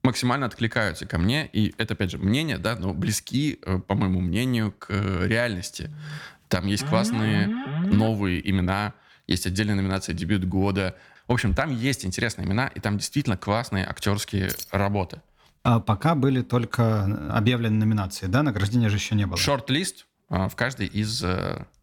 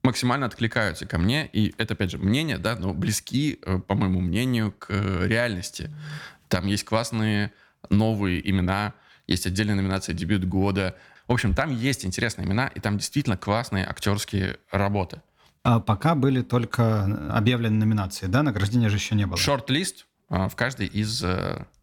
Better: second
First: alarm; noticeable; from 7 to 8 s; peak 2 dB below the speech // jangling keys; noticeable; at 14 s; peak 9 dB below the speech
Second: none

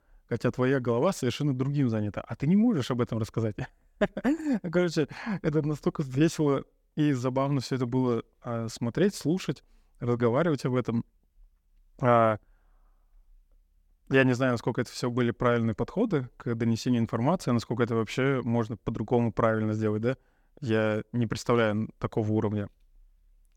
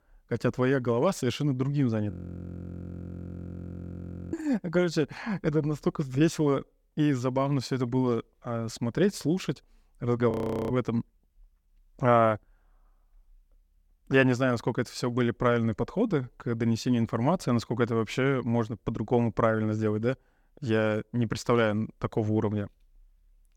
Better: first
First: none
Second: audio freezing; at 2 s for 2 s and at 10 s

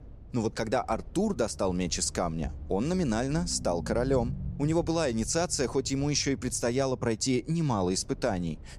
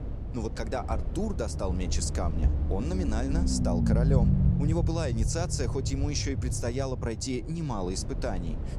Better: first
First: low rumble; faint; throughout; 25 dB below the speech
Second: low rumble; loud; throughout; 6 dB below the speech

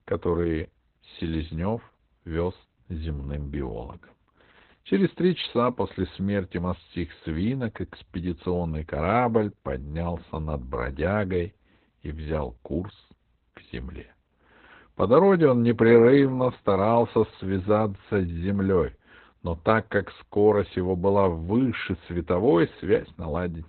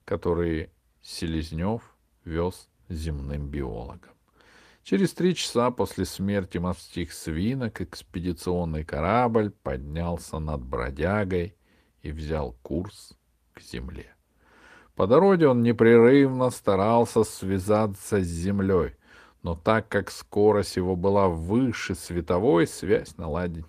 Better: second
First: garbled, watery; badly; nothing above 4 kHz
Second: garbled, watery; slightly; nothing above 14.5 kHz

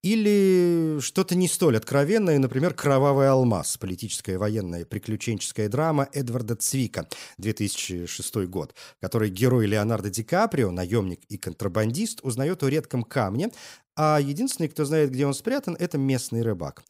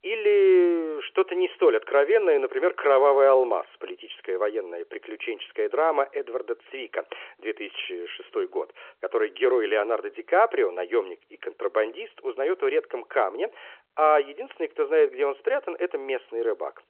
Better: first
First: none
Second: phone-call audio

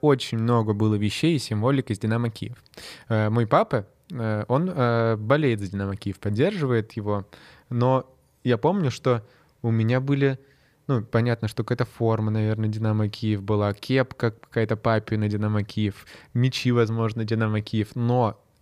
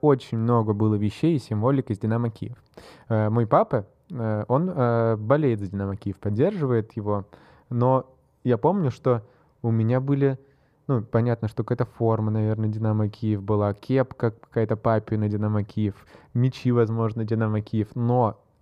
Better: first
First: none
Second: muffled; slightly; fading above 1 kHz

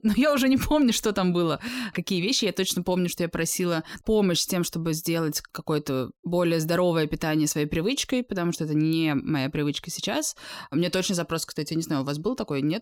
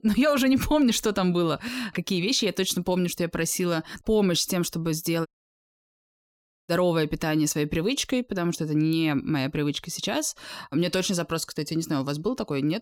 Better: first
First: none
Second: audio cutting out; at 5.5 s for 1.5 s

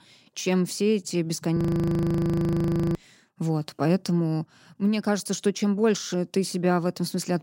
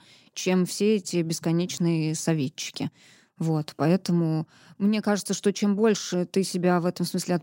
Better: second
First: audio freezing; at 1.5 s for 1.5 s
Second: none

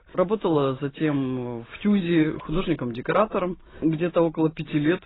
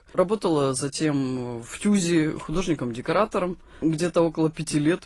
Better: second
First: garbled, watery; badly; nothing above 4 kHz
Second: garbled, watery; slightly; nothing above 10.5 kHz

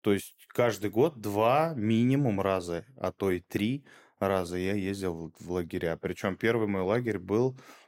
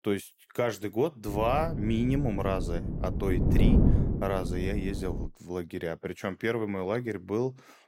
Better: first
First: none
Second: wind noise on the microphone; heavy; from 1.5 to 5.5 s; 6 dB below the speech

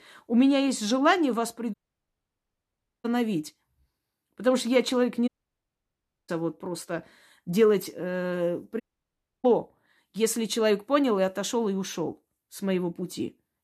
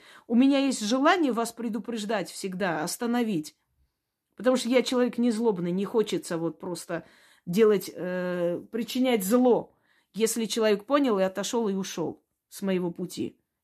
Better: second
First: audio cutting out; at 1.5 s for 1.5 s, at 5.5 s for 1 s and at 9 s for 0.5 s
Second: none

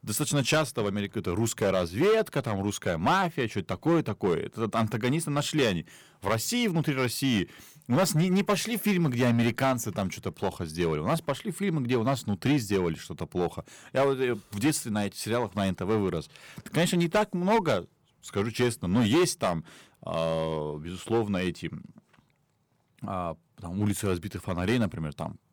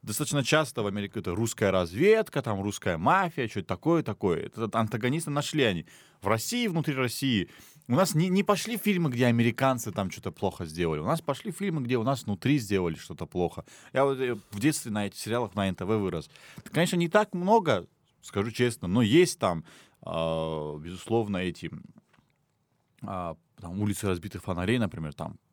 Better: second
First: distortion; slight; 5% of the sound clipped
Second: none

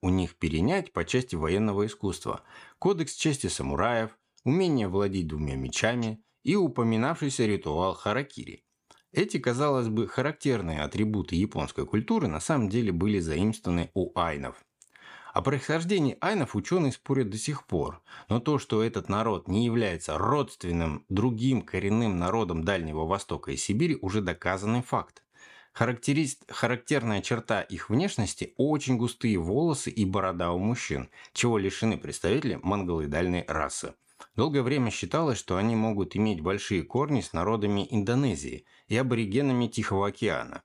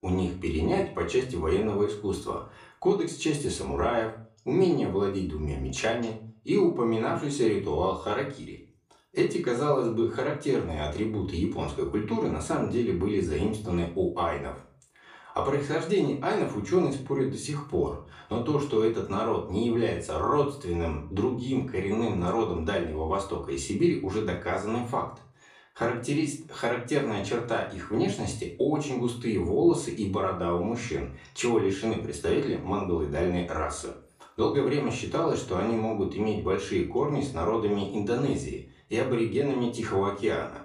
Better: first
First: none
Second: off-mic speech; far // room echo; slight; dies away in 0.3 s

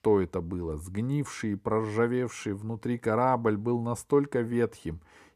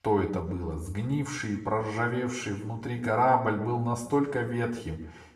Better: first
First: none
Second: room echo; slight; dies away in 0.6 s // off-mic speech; far

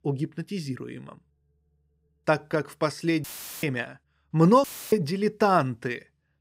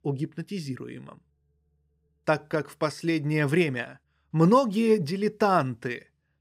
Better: second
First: audio cutting out; filled with static; at 3 s and at 4.5 s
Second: none

